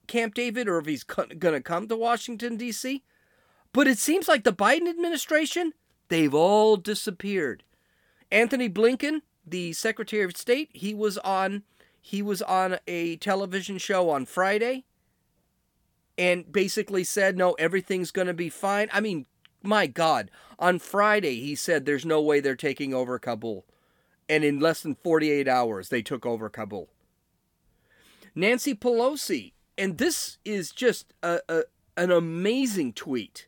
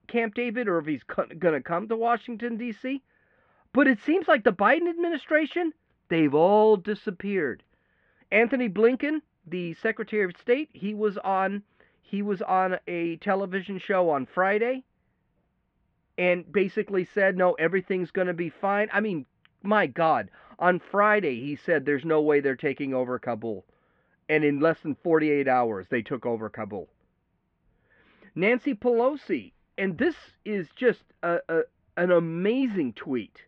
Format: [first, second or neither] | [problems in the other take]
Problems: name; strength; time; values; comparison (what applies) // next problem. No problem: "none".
first | muffled; very; fading above 2.5 kHz